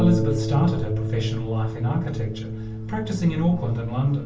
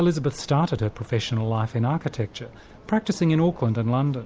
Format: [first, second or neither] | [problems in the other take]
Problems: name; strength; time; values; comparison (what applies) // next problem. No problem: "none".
second | background sound (Harp); 4 dB below the speech // room echo; dies away in 0.4 s